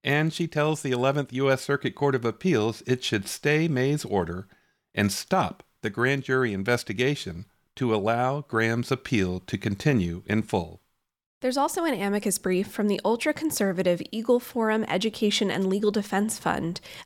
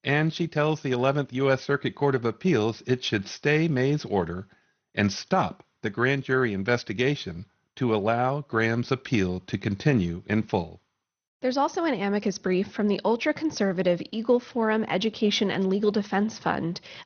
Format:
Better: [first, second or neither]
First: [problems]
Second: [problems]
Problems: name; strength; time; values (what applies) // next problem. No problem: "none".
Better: first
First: none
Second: garbled, watery; slightly; nothing above 6.5 kHz